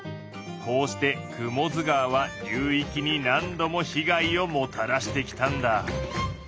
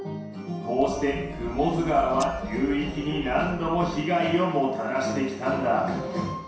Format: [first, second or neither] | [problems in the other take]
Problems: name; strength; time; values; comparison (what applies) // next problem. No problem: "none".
first | background sound (Scissors); 14 dB below the speech // room echo; dies away in 0.7 s